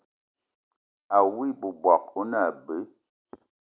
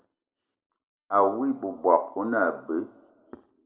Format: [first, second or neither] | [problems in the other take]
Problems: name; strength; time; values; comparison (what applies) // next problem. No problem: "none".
first | room echo; dies away in 1.6 s